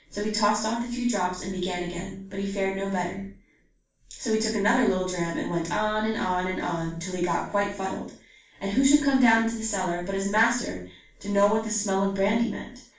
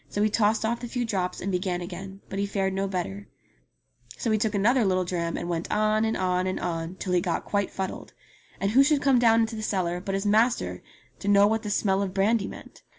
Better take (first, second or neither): second